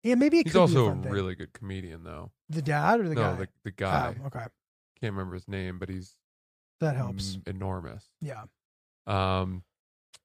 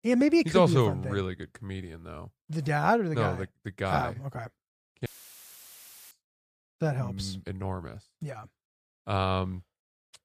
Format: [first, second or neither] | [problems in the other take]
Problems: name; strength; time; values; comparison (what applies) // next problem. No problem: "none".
first | audio cutting out; filled with static; at 5 s for 1 s